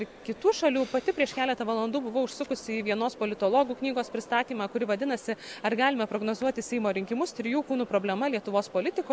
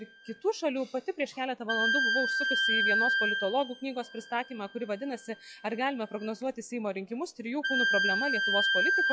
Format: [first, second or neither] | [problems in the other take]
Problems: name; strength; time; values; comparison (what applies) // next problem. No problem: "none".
first | noise reduction (classical method log-MMSE)